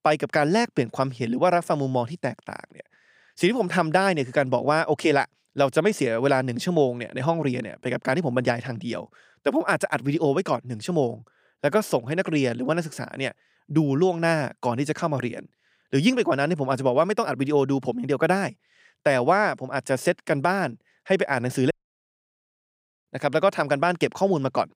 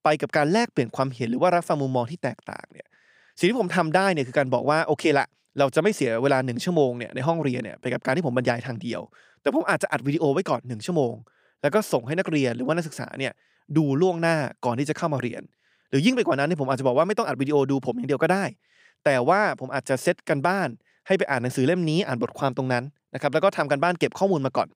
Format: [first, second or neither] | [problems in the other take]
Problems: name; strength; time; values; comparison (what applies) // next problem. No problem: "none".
second | audio cutting out; at 22 s for 1.5 s